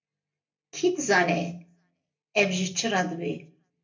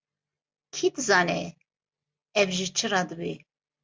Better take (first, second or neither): second